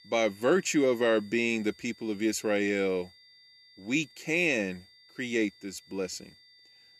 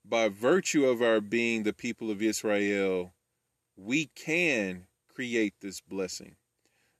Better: second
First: high-pitched whine; faint; throughout; 4.5 kHz, 25 dB below the speech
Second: none

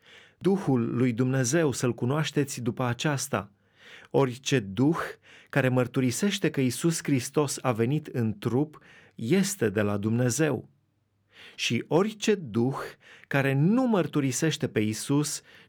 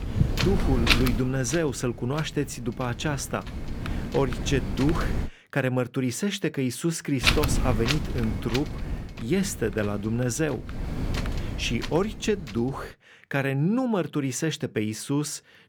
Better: first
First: none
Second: wind noise on the microphone; heavy; until 5.5 s and from 7 to 13 s; as loud as the speech

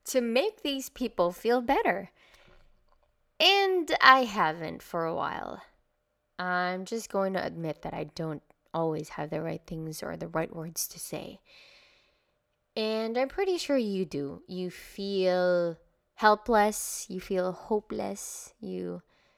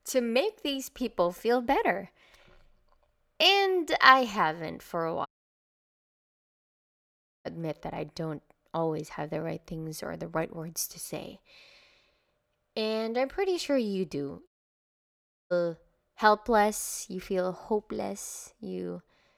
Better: first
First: none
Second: audio cutting out; at 5.5 s for 2 s and at 14 s for 1 s

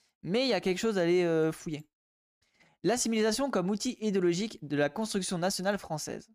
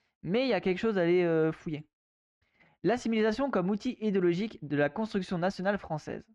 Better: first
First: none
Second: muffled; slightly; fading above 2.5 kHz

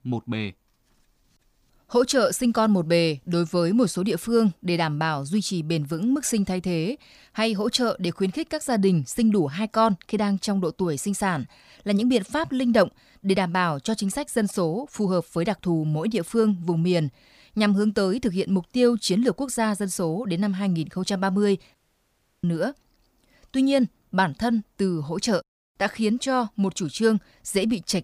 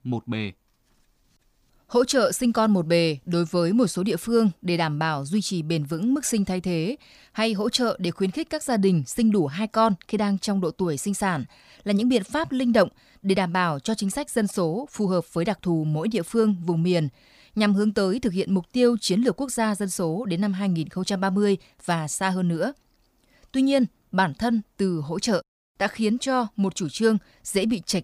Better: second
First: audio cutting out; at 22 s for 0.5 s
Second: none

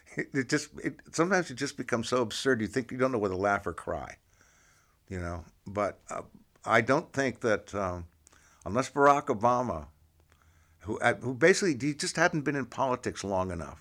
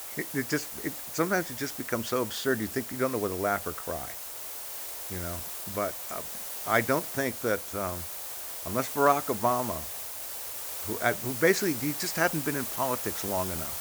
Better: first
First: none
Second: hiss; loud; throughout; 3 dB below the speech

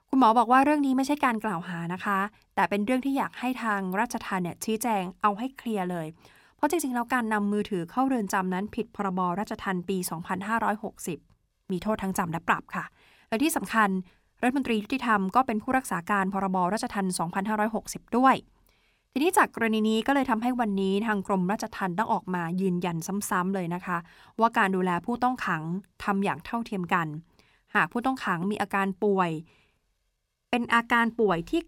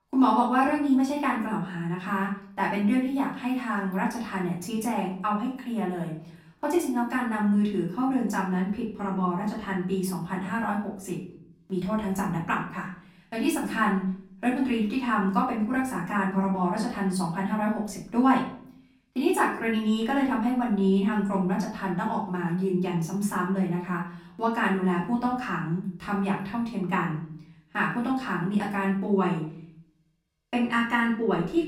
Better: first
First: none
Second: off-mic speech; far // room echo; slight; dies away in 0.6 s

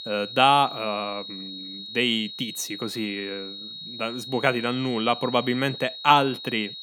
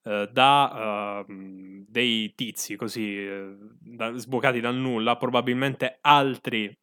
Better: second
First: high-pitched whine; noticeable; throughout; 4 kHz, 10 dB below the speech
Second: none

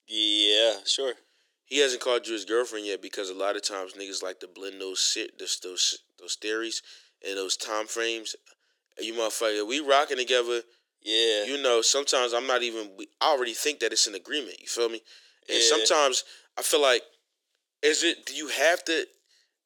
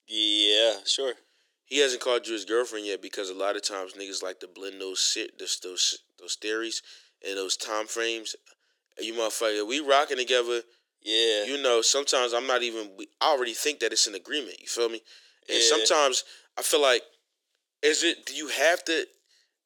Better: neither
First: thin; very; fading below 350 Hz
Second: thin; very; fading below 350 Hz

